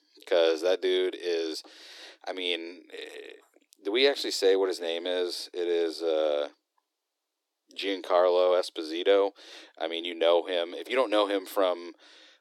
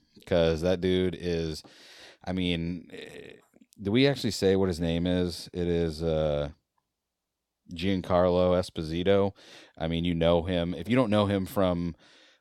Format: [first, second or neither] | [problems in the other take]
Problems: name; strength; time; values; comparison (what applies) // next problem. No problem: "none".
second | thin; very; fading below 300 Hz